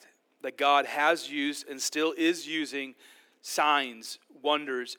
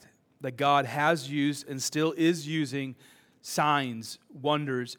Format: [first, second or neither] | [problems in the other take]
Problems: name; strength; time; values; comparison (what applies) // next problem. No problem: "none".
second | thin; very slightly; fading below 300 Hz